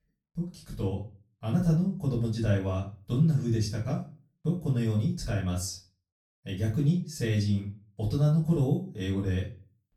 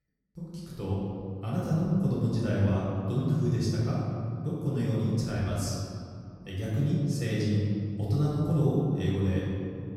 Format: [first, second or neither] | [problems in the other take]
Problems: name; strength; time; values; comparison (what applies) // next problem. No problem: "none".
first | room echo; strong; dies away in 2.3 s; slight in the first // off-mic speech; far; far in the first